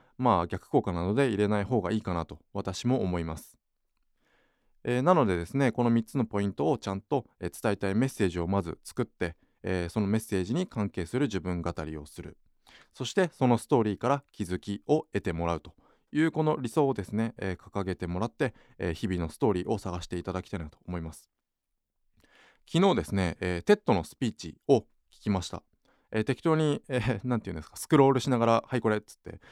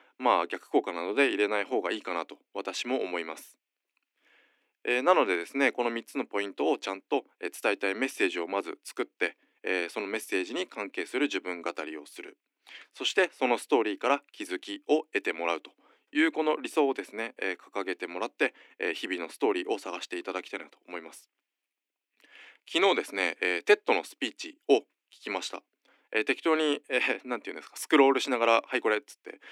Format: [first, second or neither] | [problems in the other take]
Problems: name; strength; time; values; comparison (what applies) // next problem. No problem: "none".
first | thin; somewhat; fading below 300 Hz